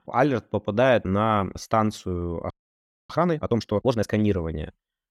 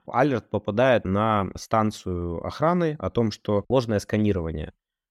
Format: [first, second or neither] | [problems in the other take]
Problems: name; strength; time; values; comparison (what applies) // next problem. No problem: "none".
second | audio freezing; at 2.5 s for 0.5 s